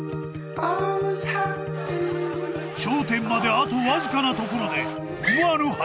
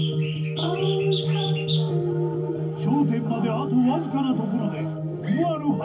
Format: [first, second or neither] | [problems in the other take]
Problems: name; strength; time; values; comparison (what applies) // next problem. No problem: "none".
first | background sound (Bird); 16 dB below the speech // room echo; dies away in 0.3 s